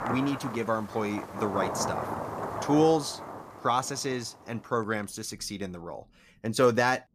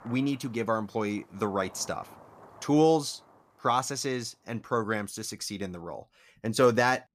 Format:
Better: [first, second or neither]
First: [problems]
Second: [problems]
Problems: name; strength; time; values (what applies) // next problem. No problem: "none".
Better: second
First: rain or running water; loud; throughout; 7 dB below the speech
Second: rain or running water; faint; throughout; 25 dB below the speech